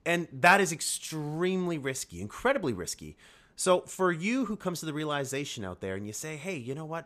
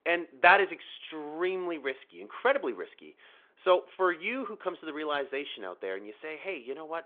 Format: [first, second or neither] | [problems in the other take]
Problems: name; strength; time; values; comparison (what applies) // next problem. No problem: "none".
first | phone-call audio